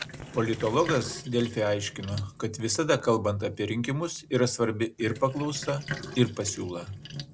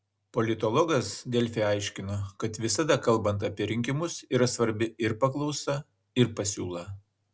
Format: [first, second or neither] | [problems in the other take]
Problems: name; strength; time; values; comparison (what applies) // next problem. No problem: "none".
second | background sound (Sink (filling or washing) + Fire); 13 dB below the speech